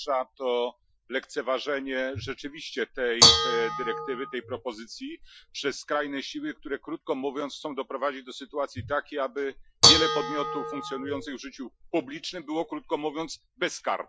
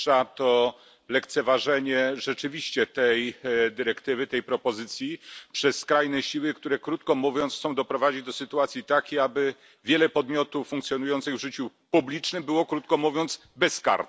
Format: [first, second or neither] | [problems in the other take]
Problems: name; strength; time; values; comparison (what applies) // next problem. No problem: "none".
second | noise reduction (classical method Wiener filter)